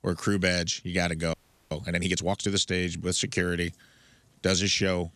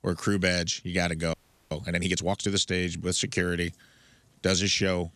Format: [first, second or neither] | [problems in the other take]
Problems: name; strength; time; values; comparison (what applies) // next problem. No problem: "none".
neither | audio freezing; at 1.5 s; the same in both